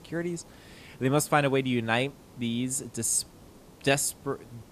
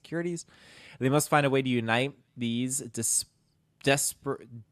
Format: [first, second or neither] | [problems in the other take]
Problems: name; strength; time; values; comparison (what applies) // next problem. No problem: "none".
second | hiss; faint; throughout; 25 dB below the speech